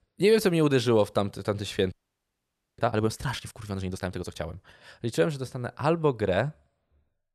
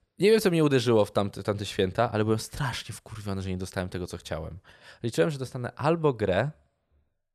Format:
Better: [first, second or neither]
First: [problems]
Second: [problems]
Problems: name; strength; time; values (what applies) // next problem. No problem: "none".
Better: second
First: audio freezing; at 2 s for 1 s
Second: none